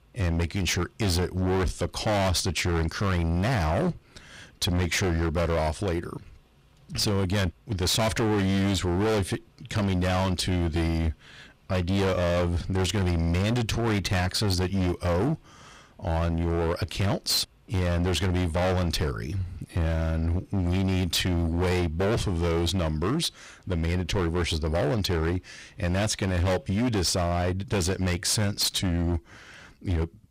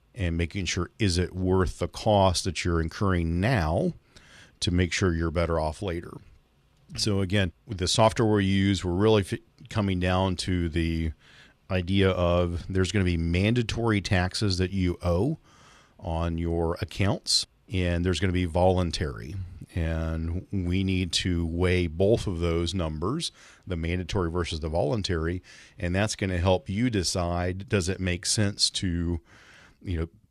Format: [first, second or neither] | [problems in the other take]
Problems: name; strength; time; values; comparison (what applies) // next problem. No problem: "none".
second | distortion; heavy; 25% of the sound clipped